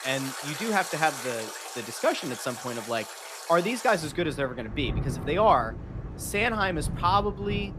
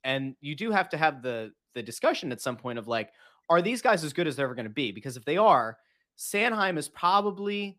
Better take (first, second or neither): second